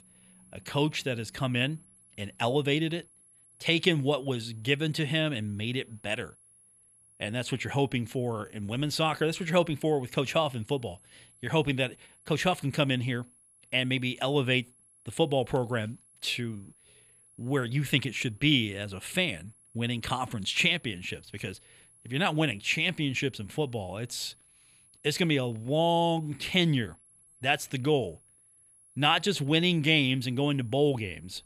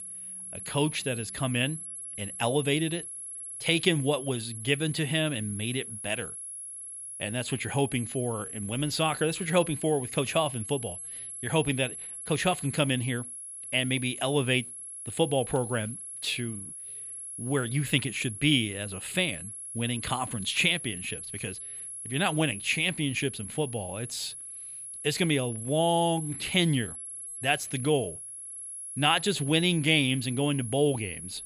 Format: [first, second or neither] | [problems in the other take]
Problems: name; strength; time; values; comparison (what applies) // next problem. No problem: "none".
first | high-pitched whine; loud; throughout; 11 kHz, 9 dB below the speech; faint in the first